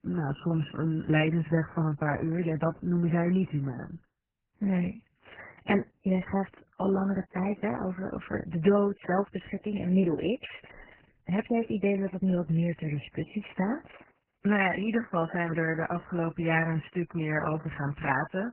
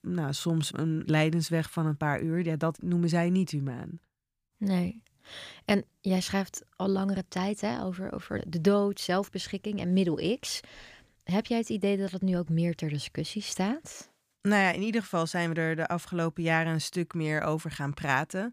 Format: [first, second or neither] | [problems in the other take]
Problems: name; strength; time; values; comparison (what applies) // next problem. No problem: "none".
second | garbled, watery; badly; nothing above 3 kHz